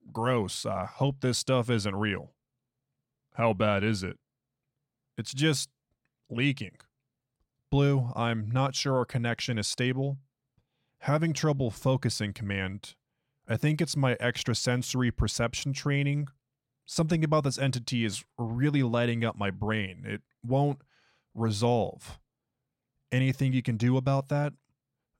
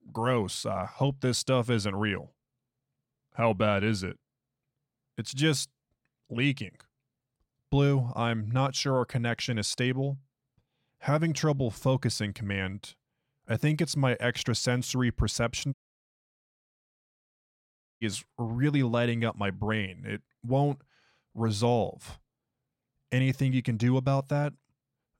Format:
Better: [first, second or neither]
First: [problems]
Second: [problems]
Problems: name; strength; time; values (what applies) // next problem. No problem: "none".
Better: first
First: none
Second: audio cutting out; at 16 s for 2.5 s